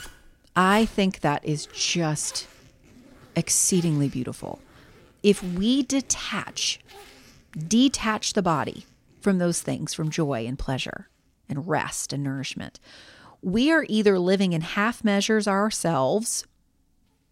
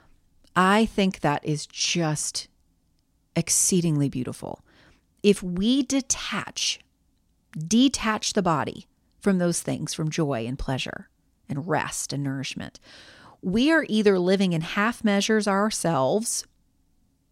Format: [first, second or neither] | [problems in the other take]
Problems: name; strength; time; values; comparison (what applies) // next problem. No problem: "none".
second | household noises; faint; throughout; 25 dB below the speech